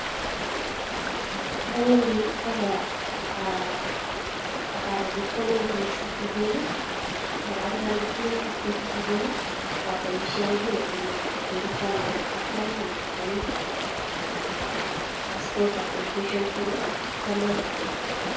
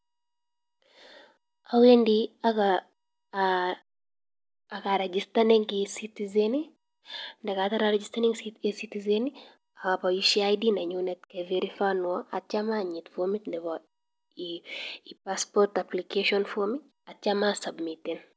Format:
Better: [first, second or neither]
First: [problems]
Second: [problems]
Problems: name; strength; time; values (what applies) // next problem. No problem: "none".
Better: second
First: background sound (Stream); 1 dB above the speech // room echo; dies away in 0.6 s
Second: none